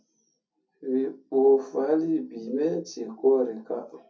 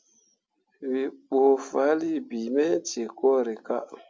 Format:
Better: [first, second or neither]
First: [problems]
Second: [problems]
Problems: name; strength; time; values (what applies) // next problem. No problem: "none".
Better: second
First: room echo; dies away in 0.3 s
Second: none